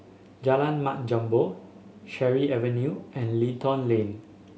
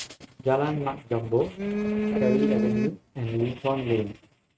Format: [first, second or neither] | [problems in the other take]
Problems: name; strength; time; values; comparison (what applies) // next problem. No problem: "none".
first | noise reduction (neural mask model RNNoise)